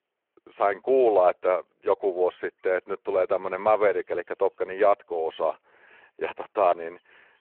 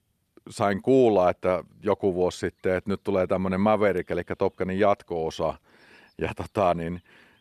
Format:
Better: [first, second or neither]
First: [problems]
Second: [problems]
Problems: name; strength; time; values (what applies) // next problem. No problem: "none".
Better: second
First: phone-call audio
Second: none